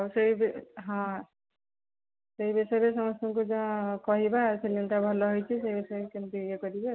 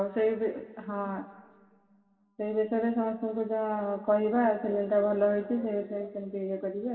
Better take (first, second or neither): first